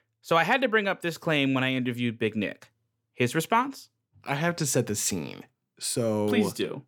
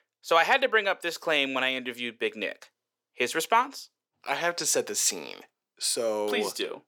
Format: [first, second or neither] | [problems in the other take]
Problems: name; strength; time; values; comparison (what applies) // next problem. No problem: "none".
first | thin; somewhat; fading below 500 Hz